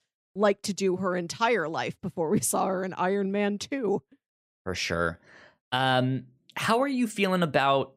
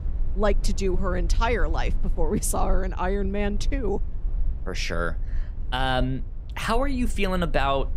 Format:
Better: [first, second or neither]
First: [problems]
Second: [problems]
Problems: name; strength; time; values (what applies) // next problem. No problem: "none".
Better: first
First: none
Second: low rumble; faint; throughout; 20 dB below the speech